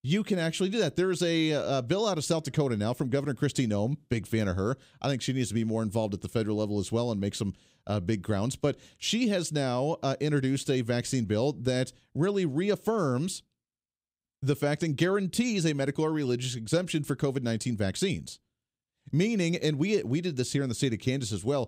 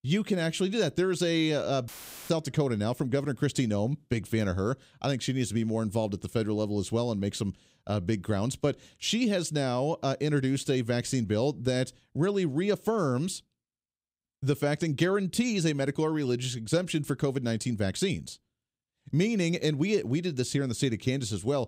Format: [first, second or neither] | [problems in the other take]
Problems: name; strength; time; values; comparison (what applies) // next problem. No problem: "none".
first | audio cutting out; filled with static; at 2 s